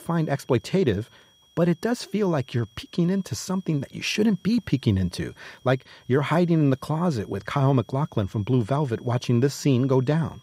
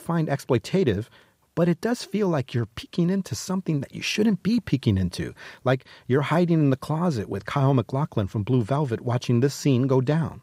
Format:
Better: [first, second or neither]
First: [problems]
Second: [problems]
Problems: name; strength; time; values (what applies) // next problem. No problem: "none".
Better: second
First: high-pitched whine; faint; throughout; 3.5 kHz, 30 dB below the speech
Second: none